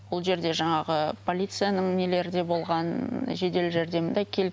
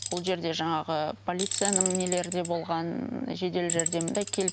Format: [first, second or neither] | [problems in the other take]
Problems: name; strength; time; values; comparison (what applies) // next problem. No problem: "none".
first | background sound (Tools); 3 dB below the speech